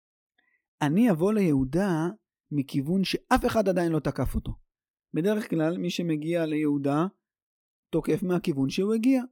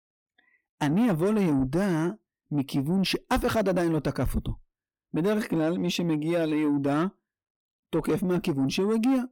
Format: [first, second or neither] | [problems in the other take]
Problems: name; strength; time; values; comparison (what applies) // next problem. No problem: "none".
first | distortion; slight; 10 dB below the speech